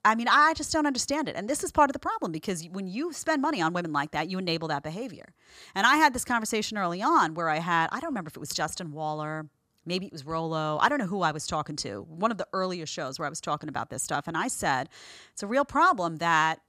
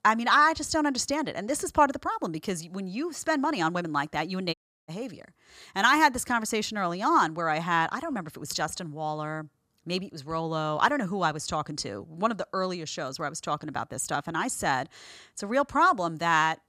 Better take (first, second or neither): first